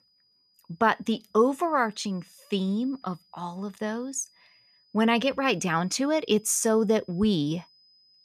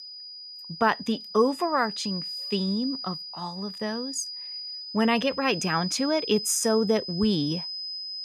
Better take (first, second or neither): first